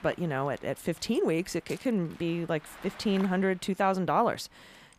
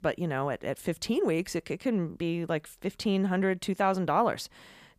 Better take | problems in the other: second | wind noise on the microphone; occasional gusts; 20 dB below the speech

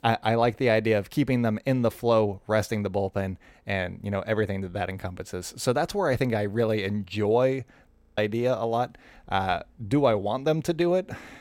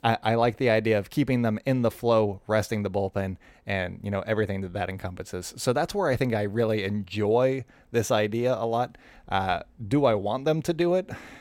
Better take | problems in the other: second | audio freezing; at 8 s

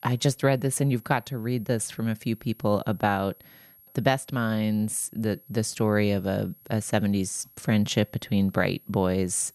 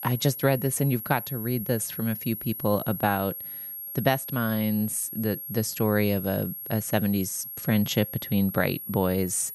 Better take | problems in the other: first | high-pitched whine; loud; throughout; 11.5 kHz, 8 dB below the speech; faint in the first

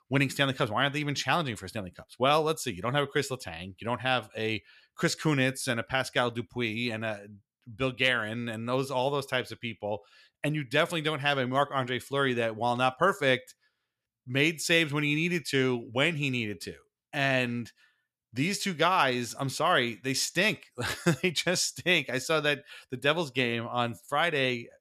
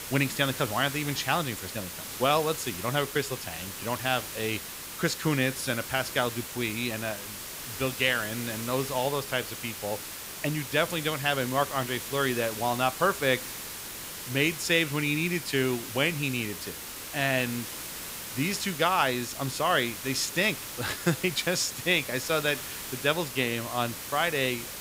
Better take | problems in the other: first | hiss; loud; throughout; 8 dB below the speech

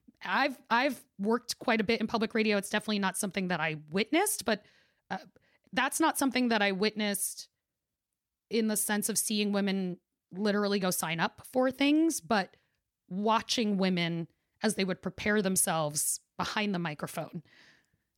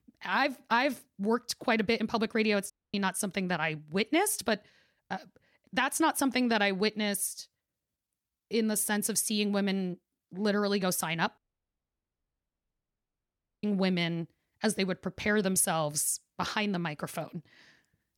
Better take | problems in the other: first | audio cutting out; at 2.5 s and at 11 s for 2.5 s

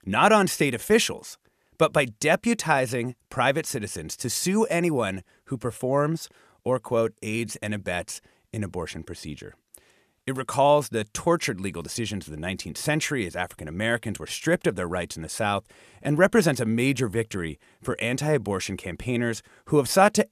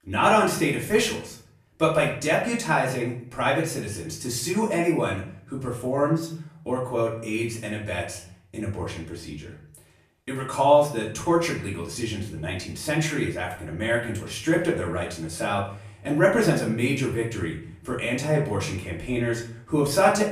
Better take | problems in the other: first | off-mic speech; far // room echo; slight; dies away in 0.5 s

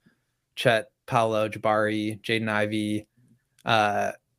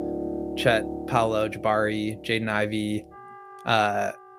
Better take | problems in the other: first | background music; noticeable; throughout; 10 dB below the speech

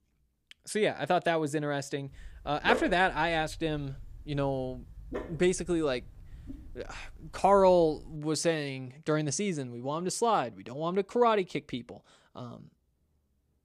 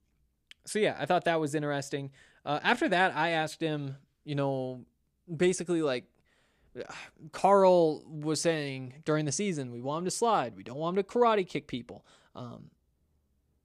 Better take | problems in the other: second | dog barking; noticeable; from 2 to 8 s; peak 5 dB below the speech

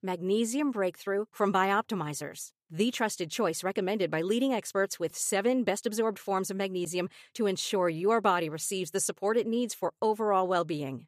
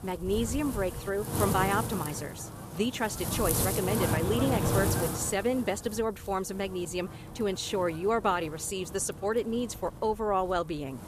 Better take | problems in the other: first | wind noise on the microphone; heavy; 5 dB below the speech

